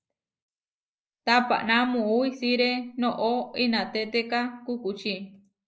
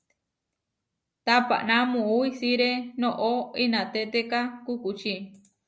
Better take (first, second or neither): second